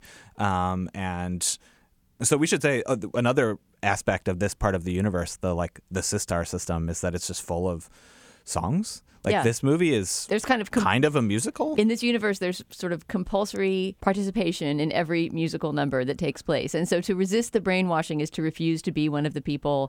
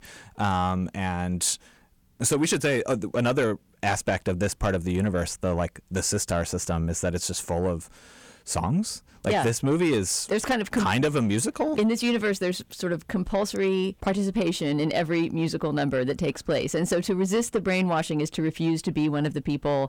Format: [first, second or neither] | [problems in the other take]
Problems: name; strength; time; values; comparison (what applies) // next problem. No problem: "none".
first | distortion; slight; 10 dB below the speech